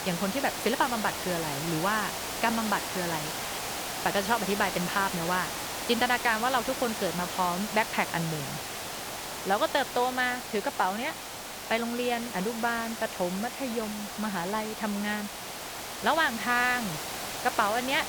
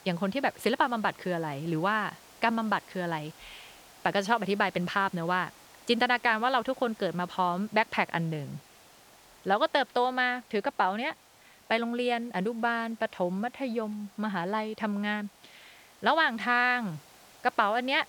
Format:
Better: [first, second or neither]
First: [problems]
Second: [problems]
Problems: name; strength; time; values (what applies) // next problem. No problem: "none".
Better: second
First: hiss; loud; throughout; 5 dB below the speech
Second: hiss; faint; throughout; 25 dB below the speech